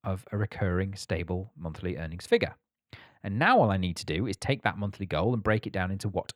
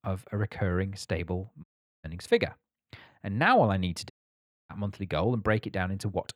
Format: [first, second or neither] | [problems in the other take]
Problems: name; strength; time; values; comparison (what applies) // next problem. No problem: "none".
first | audio cutting out; at 1.5 s and at 4 s for 0.5 s